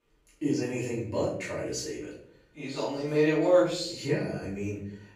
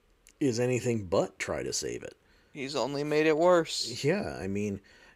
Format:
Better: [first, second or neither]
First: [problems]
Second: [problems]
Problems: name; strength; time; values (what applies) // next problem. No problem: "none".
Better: second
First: off-mic speech; far // room echo; noticeable; dies away in 0.6 s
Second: none